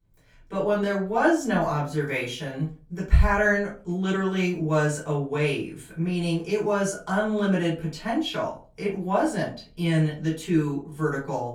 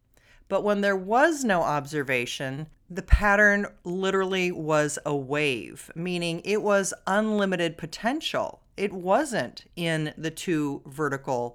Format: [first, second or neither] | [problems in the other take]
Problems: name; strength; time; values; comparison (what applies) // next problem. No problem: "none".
second | off-mic speech; far // room echo; slight; dies away in 0.3 s